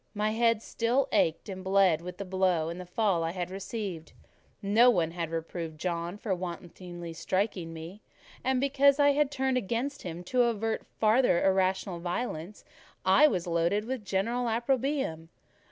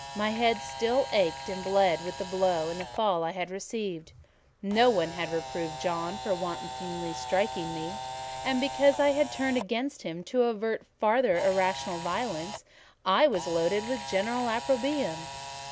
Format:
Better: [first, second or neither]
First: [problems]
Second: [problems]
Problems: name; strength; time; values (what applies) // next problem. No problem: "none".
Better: first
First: none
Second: background sound (Camera); 11 dB below the speech